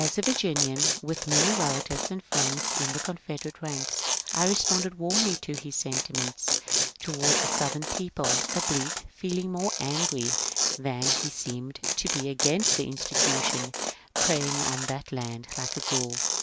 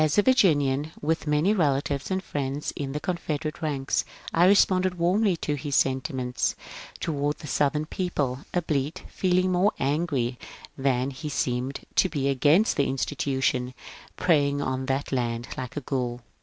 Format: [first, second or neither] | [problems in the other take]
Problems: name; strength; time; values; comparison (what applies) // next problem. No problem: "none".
second | background sound (Tearing); 3 dB above the speech